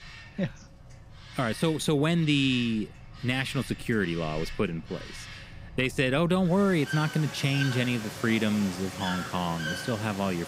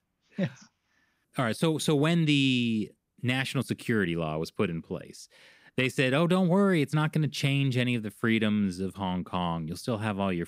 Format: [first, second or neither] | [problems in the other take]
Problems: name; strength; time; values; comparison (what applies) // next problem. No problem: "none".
second | animal sounds; noticeable; throughout; 10 dB below the speech